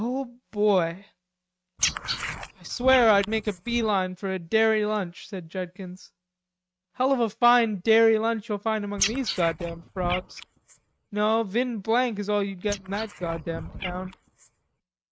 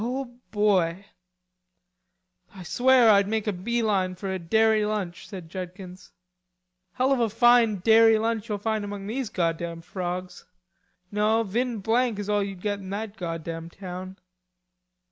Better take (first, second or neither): second